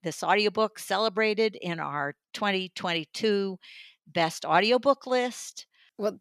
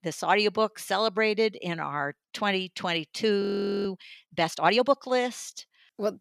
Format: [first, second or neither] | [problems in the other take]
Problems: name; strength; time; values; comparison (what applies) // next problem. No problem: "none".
first | audio freezing; at 3.5 s